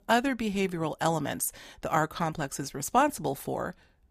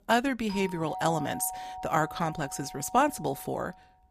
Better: first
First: none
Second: doorbell; noticeable; peak 7 dB below the speech

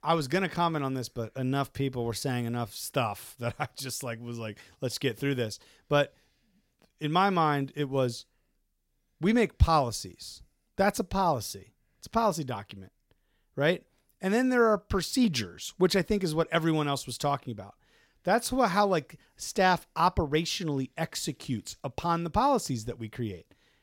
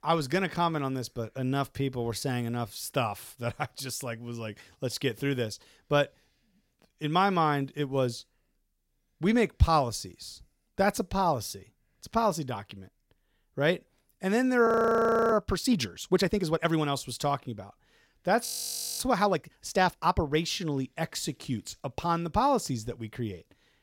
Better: first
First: none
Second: audio freezing; at 15 s for 0.5 s and at 18 s for 0.5 s

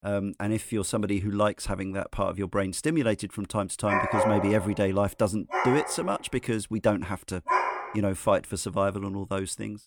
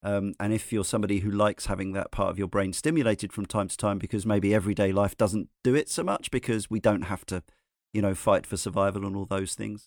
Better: second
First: dog barking; loud; from 4 to 8 s; peak 3 dB above the speech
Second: none

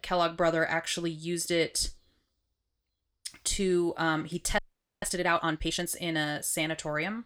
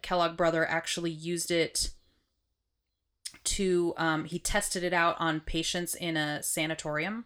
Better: second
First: audio freezing; at 4.5 s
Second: none

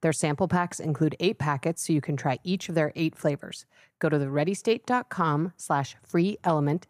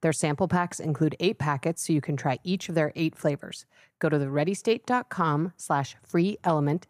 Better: neither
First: none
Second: none

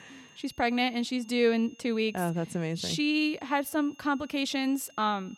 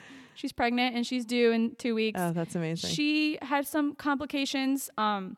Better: second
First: high-pitched whine; faint; throughout; 3 kHz, 25 dB below the speech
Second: none

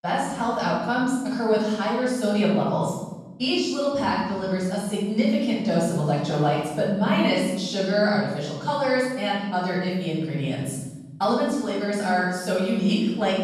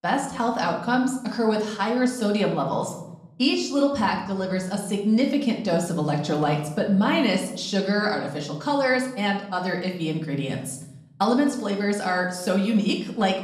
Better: second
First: room echo; strong; dies away in 1.3 s // off-mic speech; far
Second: room echo; slight; dies away in 0.8 s // off-mic speech; somewhat distant

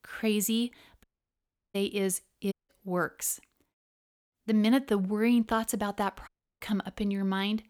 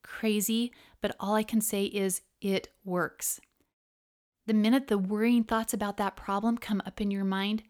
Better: second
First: audio cutting out; at 1 s for 0.5 s, at 2.5 s and at 6.5 s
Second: none

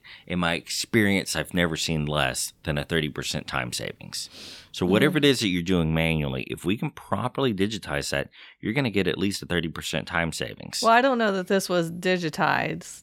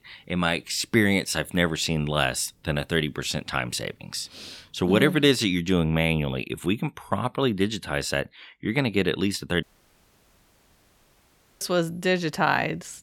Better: first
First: none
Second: audio cutting out; at 9.5 s for 2 s

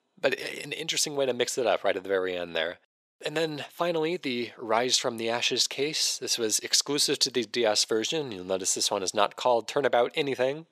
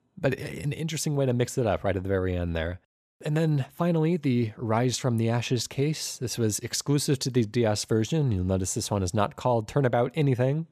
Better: second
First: thin; somewhat; fading below 450 Hz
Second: none

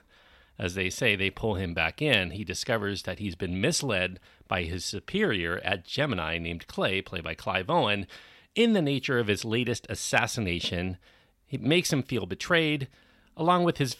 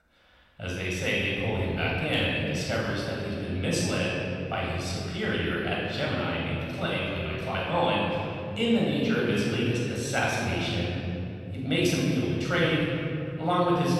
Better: first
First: none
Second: off-mic speech; far // room echo; strong; dies away in 3 s

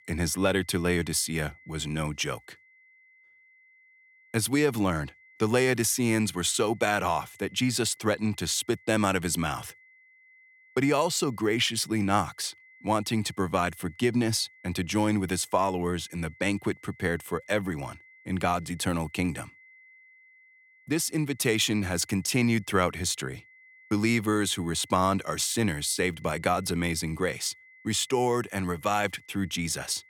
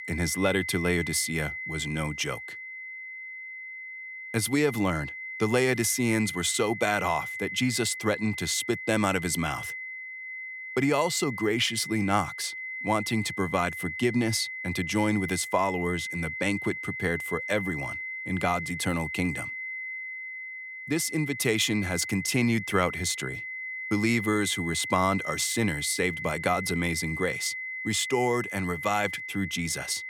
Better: first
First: high-pitched whine; faint; throughout; 2 kHz, 25 dB below the speech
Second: high-pitched whine; loud; throughout; 2 kHz, 7 dB below the speech

